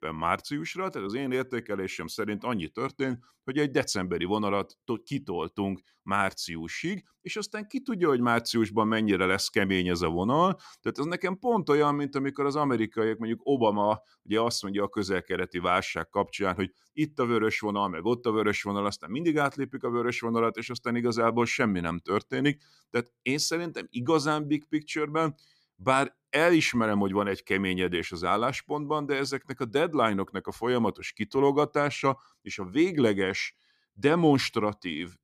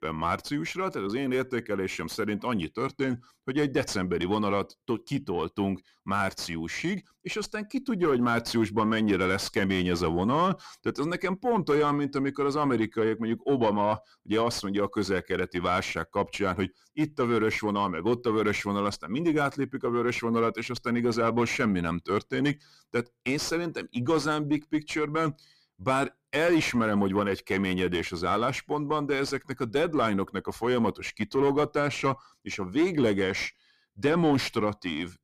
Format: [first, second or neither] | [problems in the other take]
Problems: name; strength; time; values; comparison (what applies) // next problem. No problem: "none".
first | distortion; slight; 10 dB below the speech